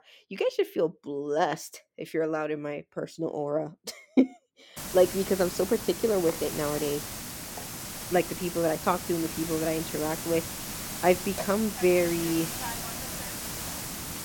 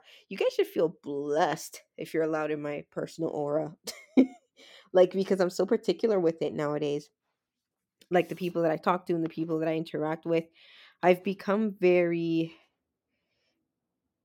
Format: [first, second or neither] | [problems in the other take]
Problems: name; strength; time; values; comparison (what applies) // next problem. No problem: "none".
second | hiss; loud; from 5 s on; 6 dB below the speech